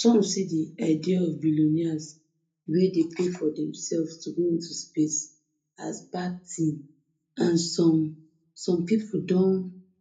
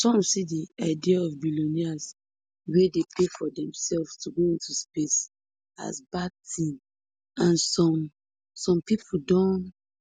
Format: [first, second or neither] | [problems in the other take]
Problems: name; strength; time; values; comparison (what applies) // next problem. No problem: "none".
second | room echo; dies away in 0.3 s